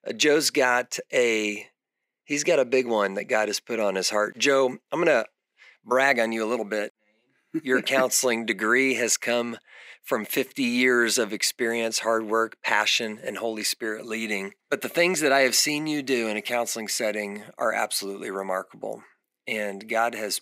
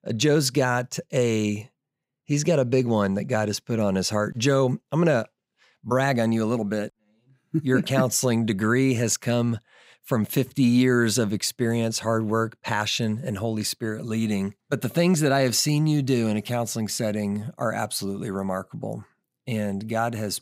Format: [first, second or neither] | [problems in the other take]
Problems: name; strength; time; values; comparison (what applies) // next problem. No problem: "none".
second | thin; somewhat; fading below 300 Hz